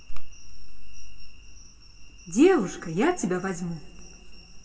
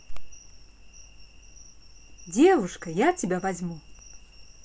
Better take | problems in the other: second | room echo; dies away in 1.8 s

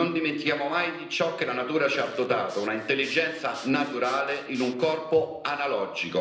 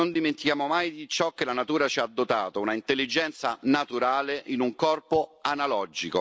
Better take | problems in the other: second | background sound (Zipper (clothing) / Sawing); 19 dB below the speech // room echo; dies away in 0.9 s

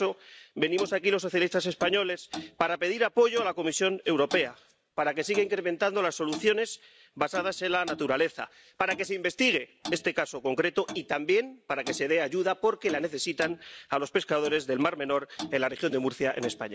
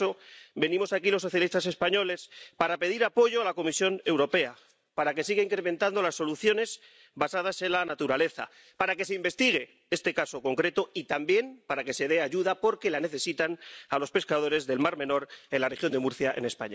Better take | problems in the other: second | background sound (Clock); 17 dB below the speech

